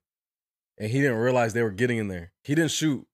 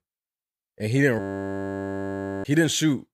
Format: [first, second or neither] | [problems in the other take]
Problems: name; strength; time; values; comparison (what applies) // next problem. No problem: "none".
first | audio freezing; at 1 s for 1.5 s